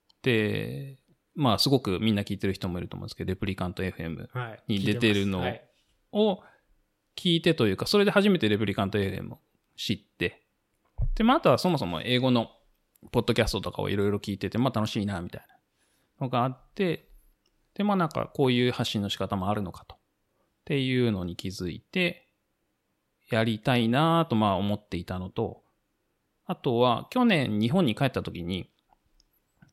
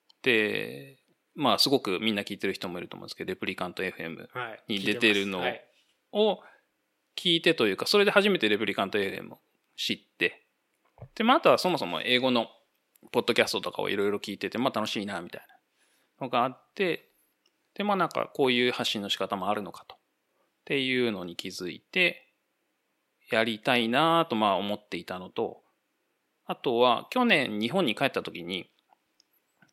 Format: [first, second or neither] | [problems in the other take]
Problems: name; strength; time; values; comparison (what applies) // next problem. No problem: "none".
first | thin; very slightly; fading below 300 Hz